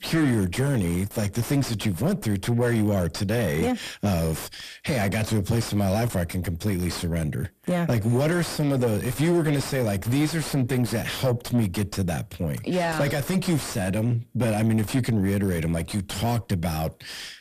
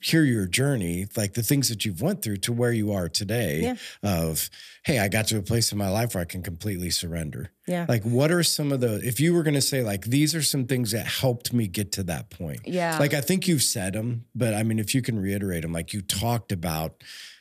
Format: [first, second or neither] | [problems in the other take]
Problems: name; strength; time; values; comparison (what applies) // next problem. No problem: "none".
second | distortion; heavy; 5 dB below the speech